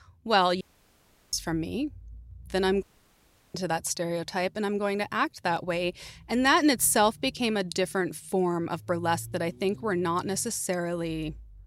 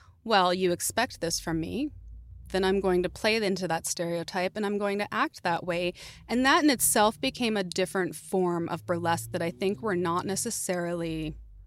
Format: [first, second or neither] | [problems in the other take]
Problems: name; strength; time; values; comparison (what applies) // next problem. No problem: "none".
second | audio cutting out; at 0.5 s for 0.5 s and at 3 s for 0.5 s